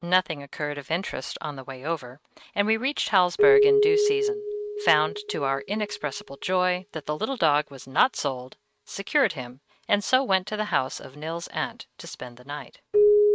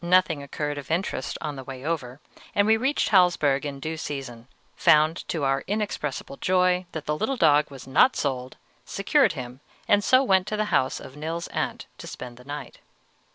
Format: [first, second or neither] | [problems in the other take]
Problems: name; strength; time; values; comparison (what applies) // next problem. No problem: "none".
second | noise reduction (neural mask model RNNoise)